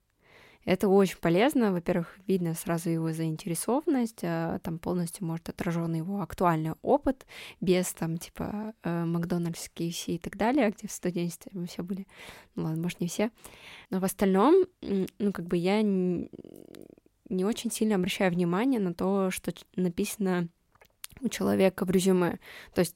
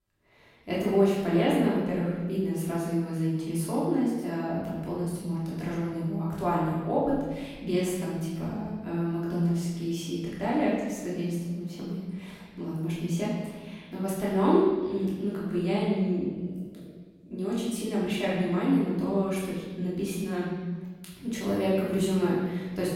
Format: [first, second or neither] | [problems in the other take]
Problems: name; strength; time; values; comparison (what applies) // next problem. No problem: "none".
first | room echo; strong; dies away in 1.5 s // off-mic speech; far